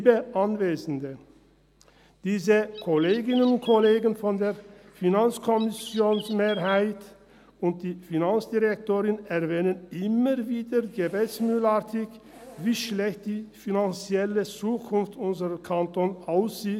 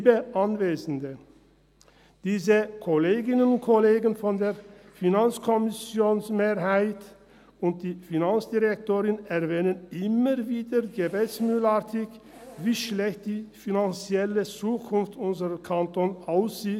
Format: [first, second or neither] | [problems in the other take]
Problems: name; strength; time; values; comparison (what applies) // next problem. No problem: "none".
second | background sound (Bird); 17 dB below the speech